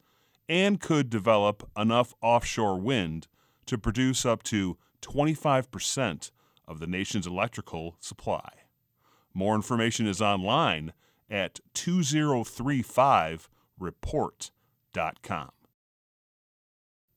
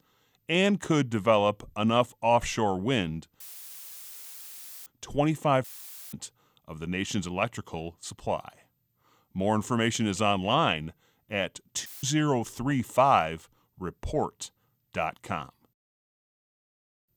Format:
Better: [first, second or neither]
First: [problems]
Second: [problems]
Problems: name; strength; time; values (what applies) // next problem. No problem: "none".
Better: first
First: none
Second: audio cutting out; filled with static; at 3.5 s for 1.5 s, at 5.5 s and at 12 s